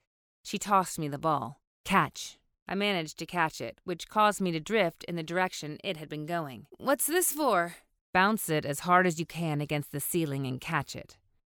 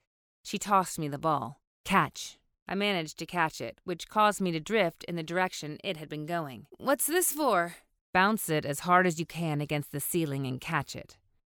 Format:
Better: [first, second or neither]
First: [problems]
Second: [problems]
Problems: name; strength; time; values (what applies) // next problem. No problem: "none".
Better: neither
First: none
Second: none